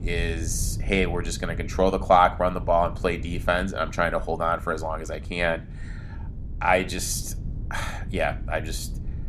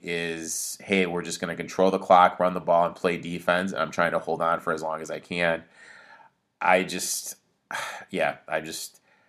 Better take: second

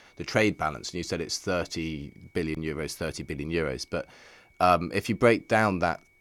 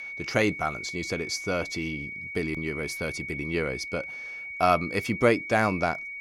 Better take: first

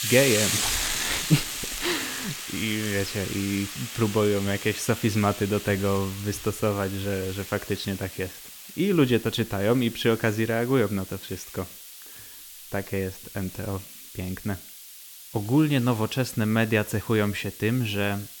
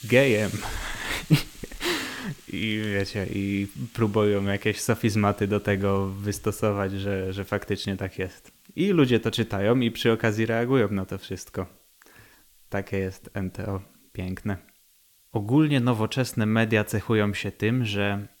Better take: second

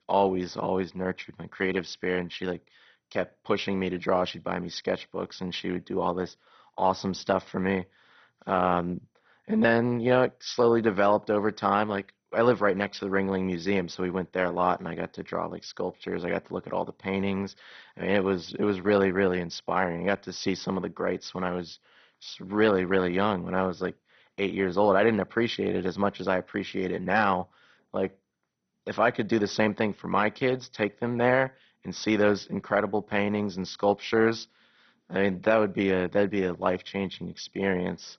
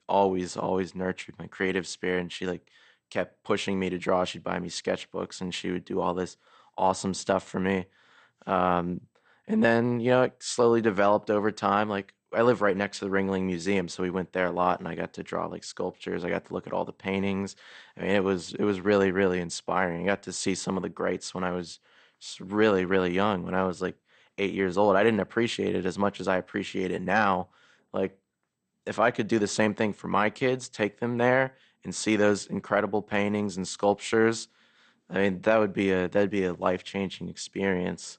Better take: second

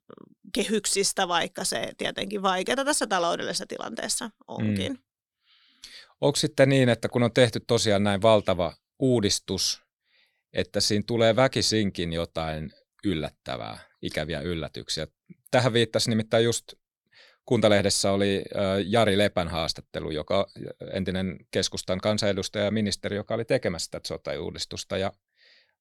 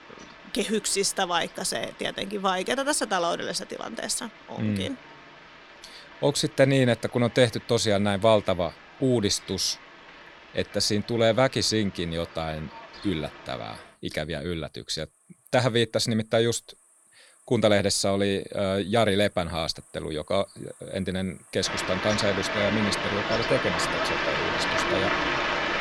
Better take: first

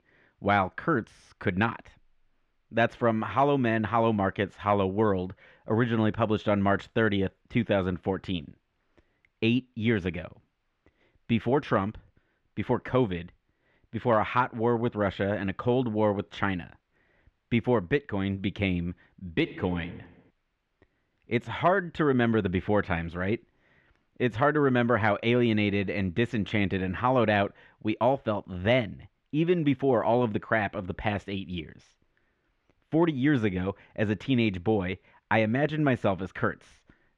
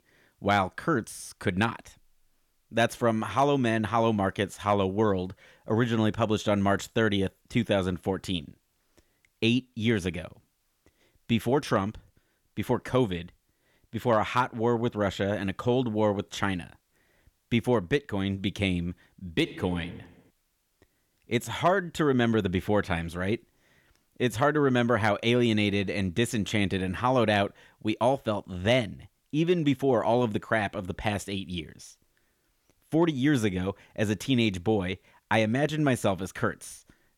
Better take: second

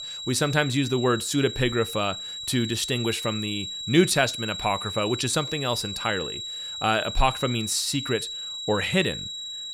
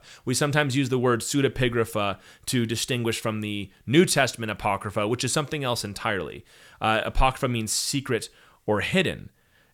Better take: second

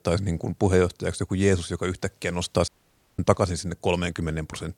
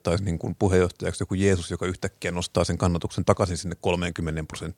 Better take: second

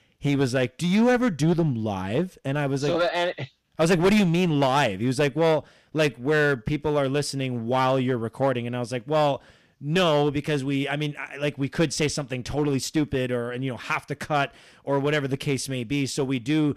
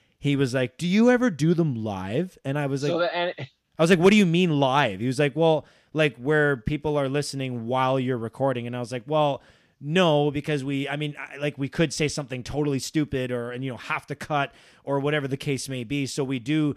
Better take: second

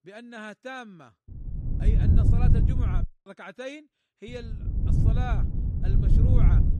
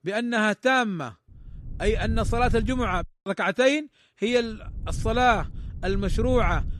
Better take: second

